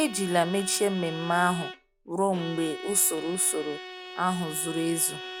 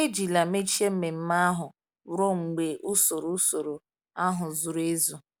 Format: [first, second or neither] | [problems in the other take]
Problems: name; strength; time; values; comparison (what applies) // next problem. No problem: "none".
second | background sound (Bowed string instrument); 11 dB below the speech